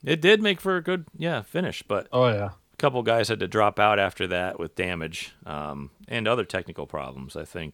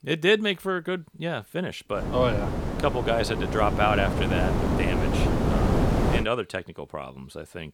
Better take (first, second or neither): first